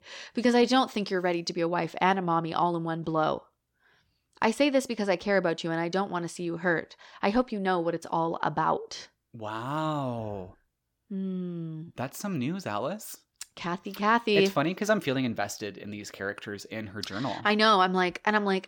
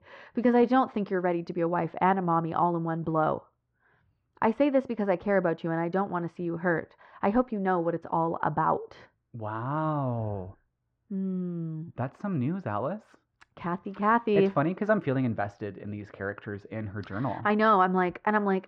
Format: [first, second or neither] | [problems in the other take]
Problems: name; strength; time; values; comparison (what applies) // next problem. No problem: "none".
first | muffled; very; fading above 1.5 kHz